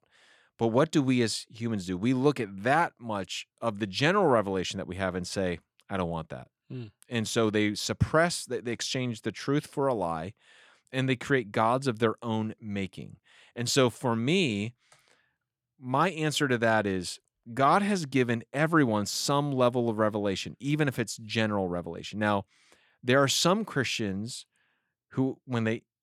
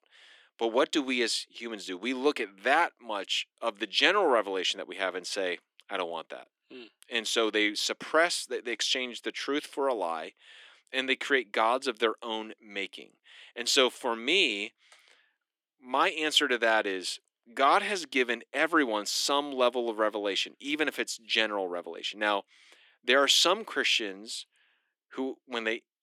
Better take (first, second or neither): first